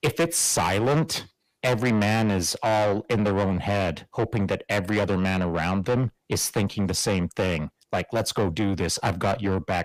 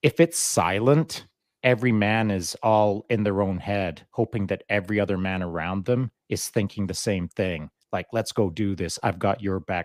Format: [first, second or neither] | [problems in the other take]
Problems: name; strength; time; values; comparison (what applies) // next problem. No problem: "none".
second | distortion; heavy; 6 dB below the speech